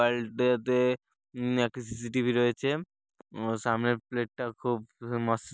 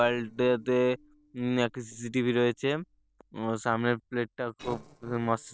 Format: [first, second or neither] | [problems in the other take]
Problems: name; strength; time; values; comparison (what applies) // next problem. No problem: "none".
first | noise reduction (neural separator model SepFormer DNS4)